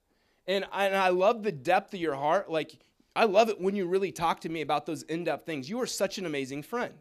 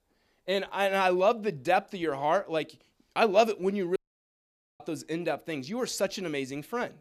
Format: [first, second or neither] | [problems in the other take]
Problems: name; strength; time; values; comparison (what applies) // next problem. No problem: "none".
first | audio cutting out; at 4 s for 1 s